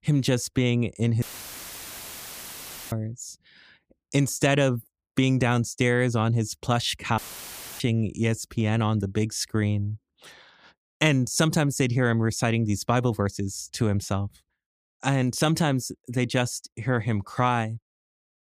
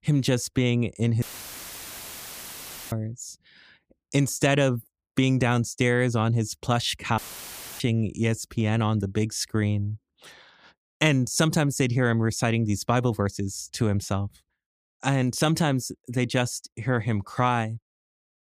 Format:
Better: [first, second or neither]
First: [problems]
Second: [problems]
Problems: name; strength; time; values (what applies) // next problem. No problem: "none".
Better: neither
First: audio cutting out; filled with static; at 1 s for 1.5 s and at 7 s for 0.5 s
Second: audio cutting out; filled with static; at 1 s for 1.5 s and at 7 s for 0.5 s